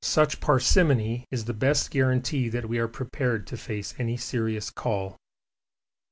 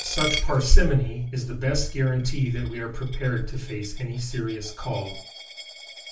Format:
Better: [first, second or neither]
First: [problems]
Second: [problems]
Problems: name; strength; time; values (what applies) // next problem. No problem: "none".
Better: first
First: none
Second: background sound (Coin (dropping)); 15 dB below the speech // room echo; dies away in 0.3 s